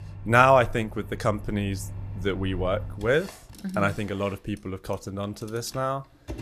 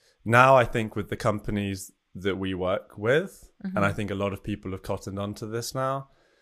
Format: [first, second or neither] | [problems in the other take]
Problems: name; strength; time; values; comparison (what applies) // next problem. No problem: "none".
second | household noises; noticeable; throughout; 15 dB below the speech